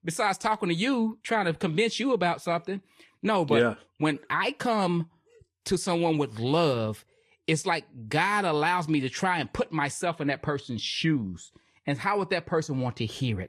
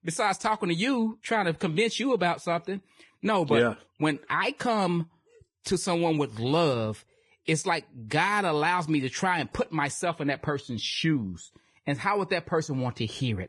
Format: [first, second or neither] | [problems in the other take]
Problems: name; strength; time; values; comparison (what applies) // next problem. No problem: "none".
first | garbled, watery; badly; nothing above 10.5 kHz; slightly in the first